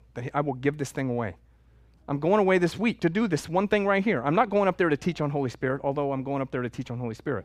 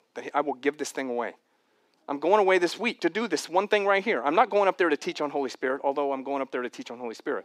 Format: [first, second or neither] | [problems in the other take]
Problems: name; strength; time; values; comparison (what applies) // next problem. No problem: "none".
first | thin; somewhat; fading below 300 Hz